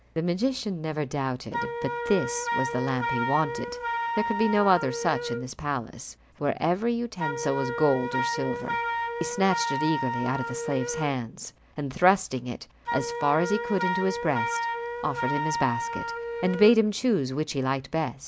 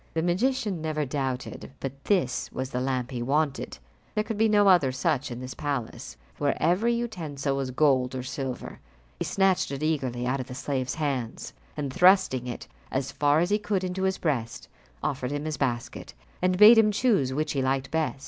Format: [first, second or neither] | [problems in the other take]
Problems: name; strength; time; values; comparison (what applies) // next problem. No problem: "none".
second | background sound (Wind instrument, woodwind instrument); 5 dB below the speech